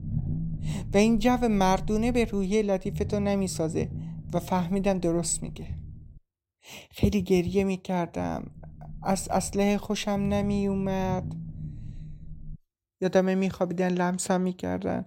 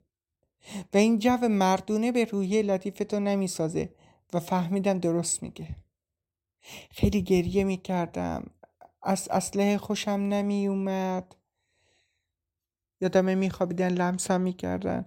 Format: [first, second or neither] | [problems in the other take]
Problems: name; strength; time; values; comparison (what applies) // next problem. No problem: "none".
second | low rumble; faint; until 6 s and from 8 to 13 s; 20 dB below the speech